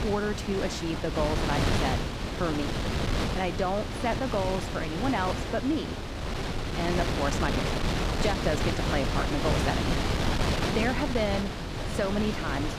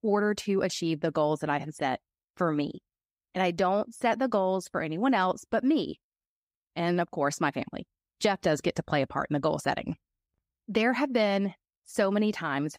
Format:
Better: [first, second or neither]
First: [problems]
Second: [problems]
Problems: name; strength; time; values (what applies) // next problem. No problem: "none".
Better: second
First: wind noise on the microphone; heavy; 1 dB below the speech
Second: none